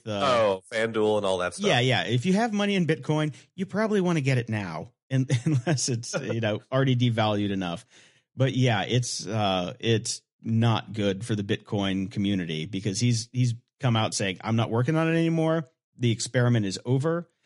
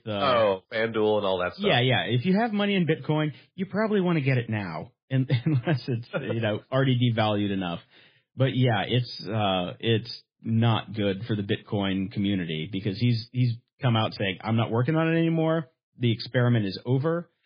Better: first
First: garbled, watery; slightly; nothing above 11 kHz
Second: garbled, watery; badly; nothing above 5 kHz

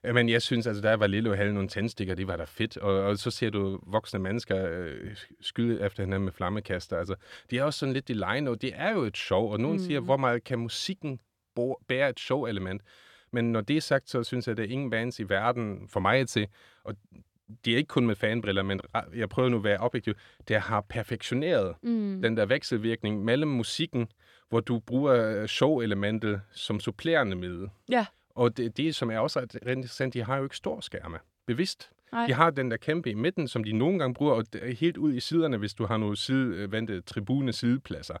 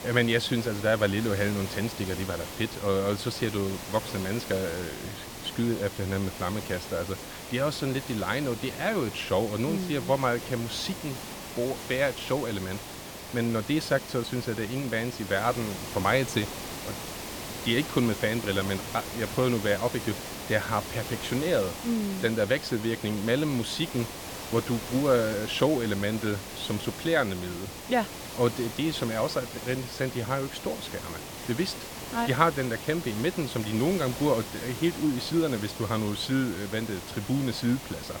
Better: first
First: none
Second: hiss; loud; throughout; 9 dB below the speech

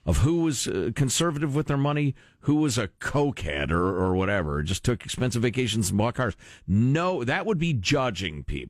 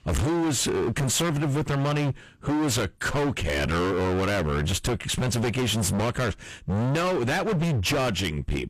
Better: first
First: none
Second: distortion; heavy; 41% of the sound clipped

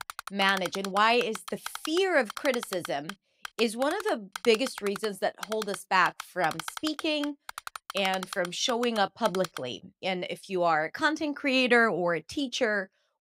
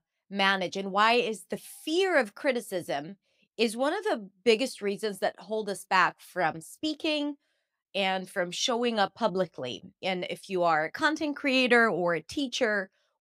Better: second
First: keyboard typing; noticeable; until 9.5 s; peak 9 dB below the speech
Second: none

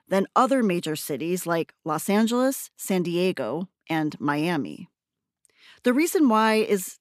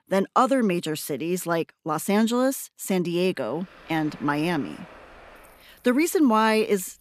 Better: first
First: none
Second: traffic noise; faint; from 3.5 s on; 25 dB below the speech

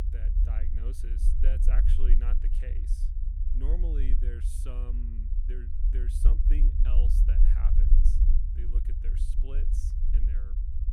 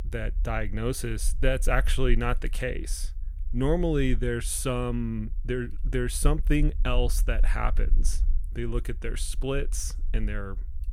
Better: second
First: low rumble; loud; throughout; 1 dB below the speech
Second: low rumble; faint; throughout; 25 dB below the speech

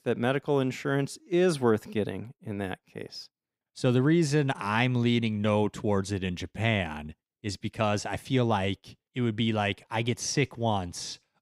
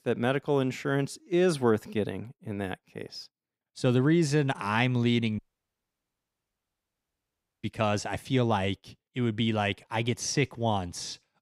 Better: first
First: none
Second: audio cutting out; at 5.5 s for 2 s

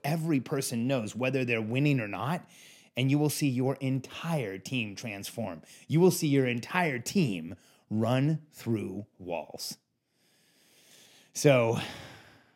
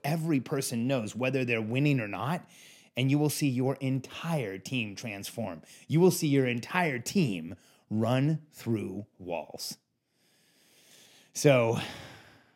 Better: neither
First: none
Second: none

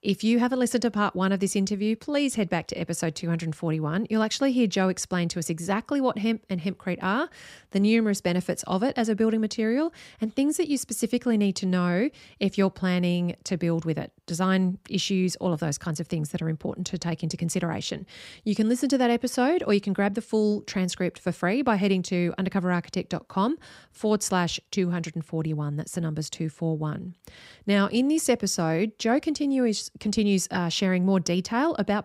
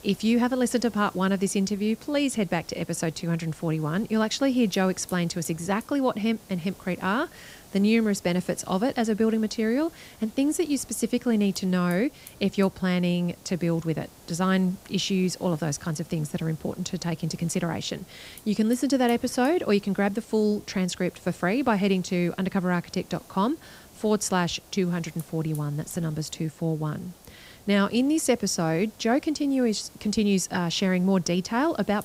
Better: first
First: none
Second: hiss; faint; throughout; 25 dB below the speech

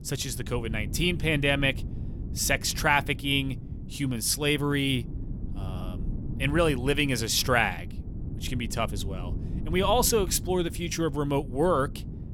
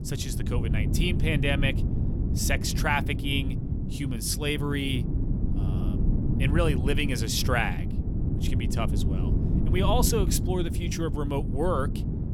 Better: first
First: wind noise on the microphone; occasional gusts; 20 dB below the speech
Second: wind noise on the microphone; heavy; 9 dB below the speech

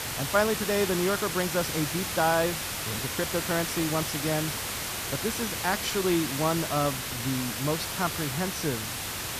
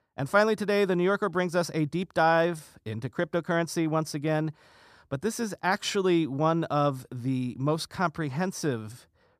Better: second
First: hiss; loud; throughout; 2 dB below the speech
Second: none

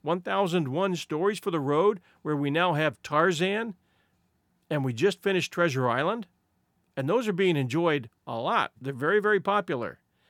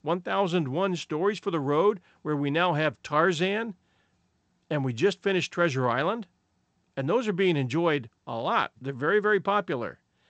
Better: first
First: none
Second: garbled, watery; slightly; nothing above 8 kHz

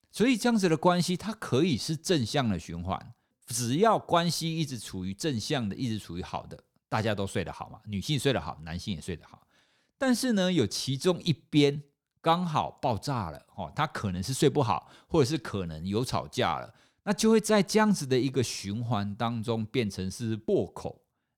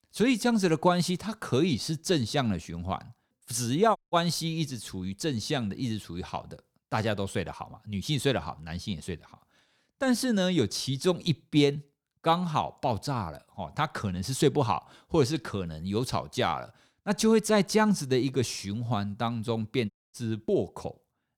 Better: first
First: none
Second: audio cutting out; at 4 s and at 20 s

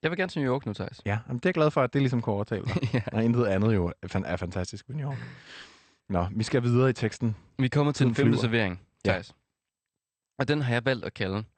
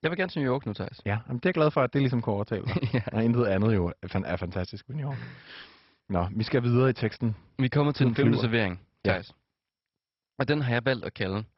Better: first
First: garbled, watery; slightly; nothing above 8.5 kHz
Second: garbled, watery; badly; nothing above 5.5 kHz

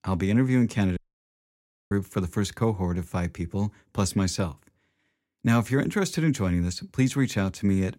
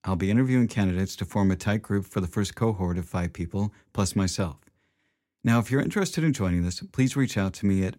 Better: second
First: audio cutting out; at 1 s for 1 s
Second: none

